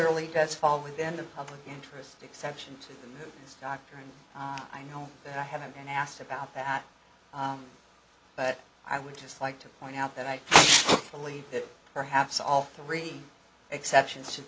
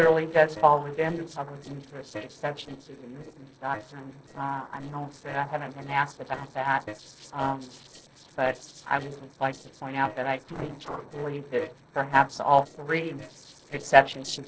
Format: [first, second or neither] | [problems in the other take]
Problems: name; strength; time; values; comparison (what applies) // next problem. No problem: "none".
first | noise reduction (neural separator model SepFormer DNS4)